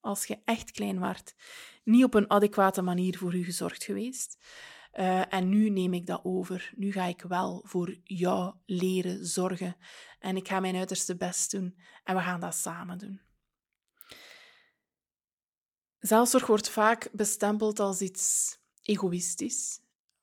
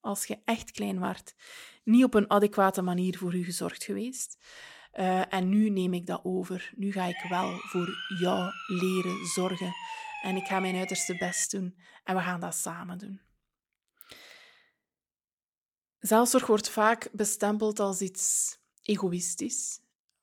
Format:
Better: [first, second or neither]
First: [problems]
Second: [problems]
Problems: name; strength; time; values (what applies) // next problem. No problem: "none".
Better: first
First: none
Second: siren; noticeable; from 7 to 11 s; peak 7 dB below the speech